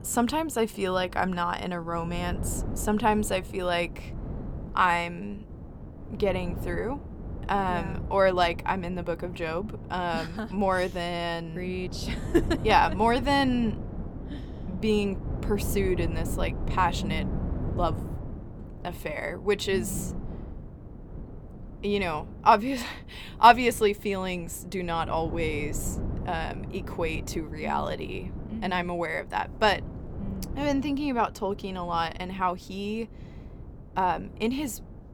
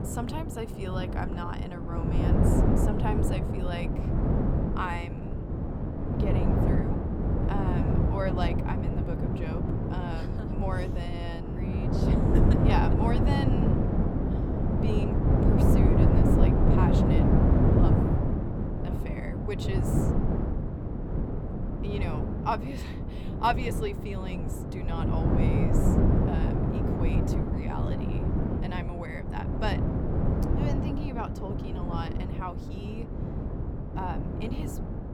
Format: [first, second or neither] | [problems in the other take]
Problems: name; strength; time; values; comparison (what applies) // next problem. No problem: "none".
first | wind noise on the microphone; heavy; 2 dB above the speech; occasional gusts in the first